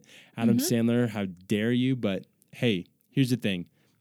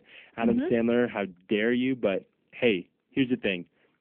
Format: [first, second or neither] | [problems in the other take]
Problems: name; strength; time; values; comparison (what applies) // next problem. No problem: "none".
first | phone-call audio; nothing above 3 kHz